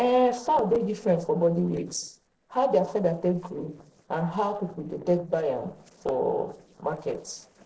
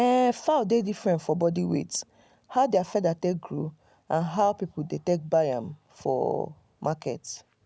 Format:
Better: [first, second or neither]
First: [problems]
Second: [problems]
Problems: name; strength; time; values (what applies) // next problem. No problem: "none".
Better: second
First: noise reduction (neural separator model SepFormer DNS4)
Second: none